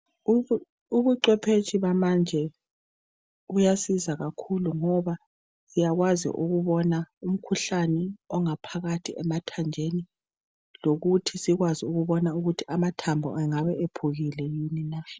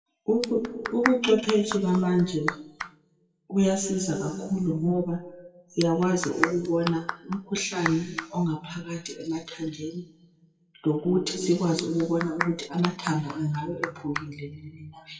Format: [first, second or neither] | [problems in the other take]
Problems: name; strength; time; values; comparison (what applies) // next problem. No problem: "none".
first | noise reduction (classical method WPE with log-MMSE)